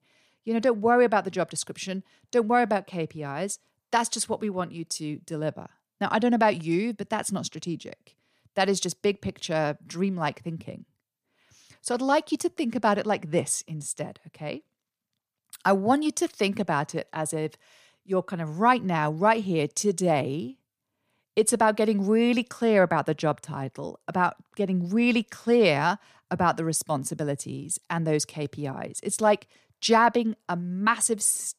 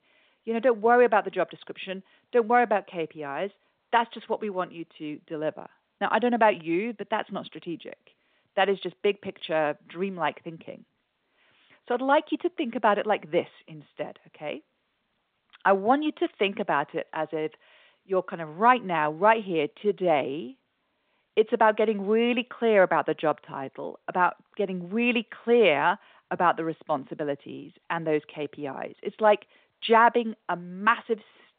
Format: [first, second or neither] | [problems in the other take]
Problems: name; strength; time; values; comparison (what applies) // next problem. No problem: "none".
first | phone-call audio